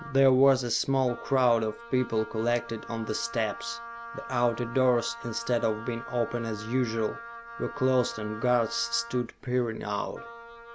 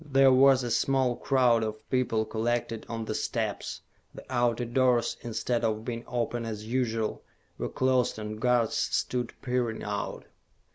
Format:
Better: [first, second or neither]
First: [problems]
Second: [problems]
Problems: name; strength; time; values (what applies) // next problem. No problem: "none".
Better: second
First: background sound (Wind instrument, woodwind instrument); 14 dB below the speech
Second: none